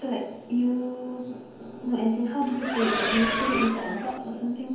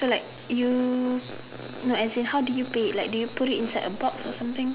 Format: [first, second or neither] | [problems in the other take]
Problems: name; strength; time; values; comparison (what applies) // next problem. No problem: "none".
second | background sound (Accelerating, revving, vroom); 1 dB below the speech // room echo; dies away in 0.9 s